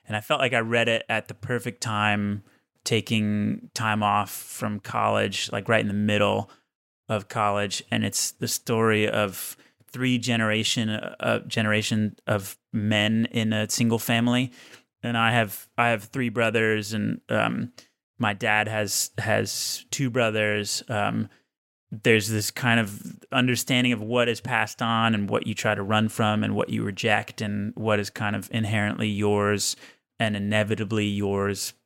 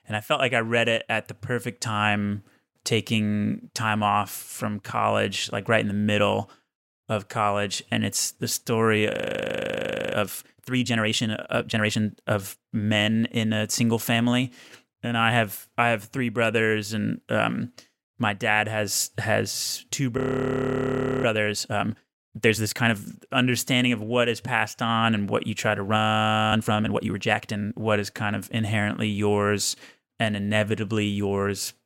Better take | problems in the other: first | audio freezing; at 9 s for 1 s, at 20 s for 1 s and at 26 s for 0.5 s

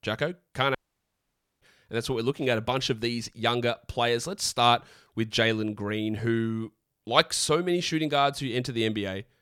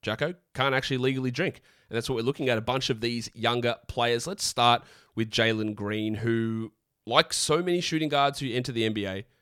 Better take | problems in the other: second | audio cutting out; at 1 s for 1 s

